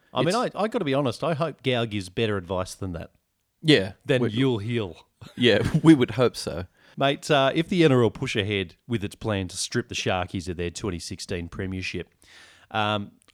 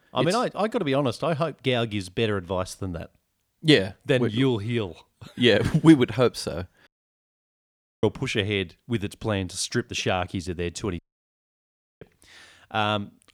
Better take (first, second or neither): first